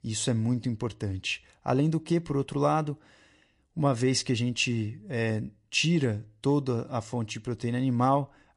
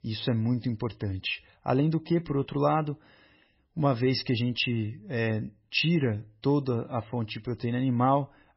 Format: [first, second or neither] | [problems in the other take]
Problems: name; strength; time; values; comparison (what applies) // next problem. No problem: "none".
first | garbled, watery; badly; nothing above 5.5 kHz; slightly in the first